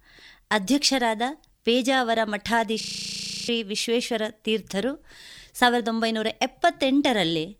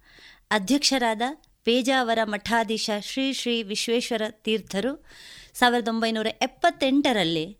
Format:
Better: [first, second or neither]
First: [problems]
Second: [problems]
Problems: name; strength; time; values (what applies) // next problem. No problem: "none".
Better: second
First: audio freezing; at 3 s for 0.5 s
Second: none